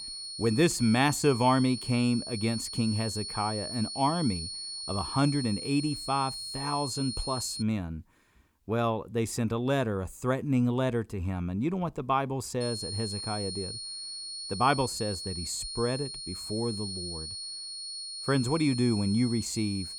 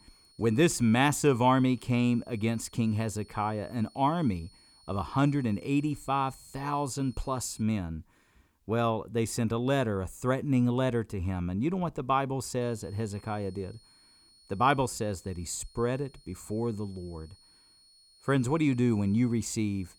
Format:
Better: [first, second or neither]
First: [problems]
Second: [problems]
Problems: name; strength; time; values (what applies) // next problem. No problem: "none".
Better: second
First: high-pitched whine; loud; until 7.5 s and from 13 s on; 4.5 kHz, 6 dB below the speech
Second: high-pitched whine; faint; until 7.5 s and from 13 s on; 4.5 kHz, 30 dB below the speech